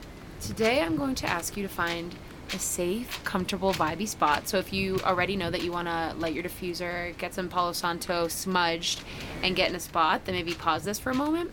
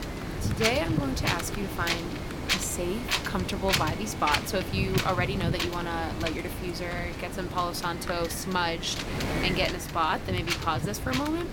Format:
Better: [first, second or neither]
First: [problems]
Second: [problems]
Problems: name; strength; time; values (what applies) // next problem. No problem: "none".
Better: first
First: wind noise on the microphone; occasional gusts; 15 dB below the speech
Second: wind noise on the microphone; heavy; 2 dB below the speech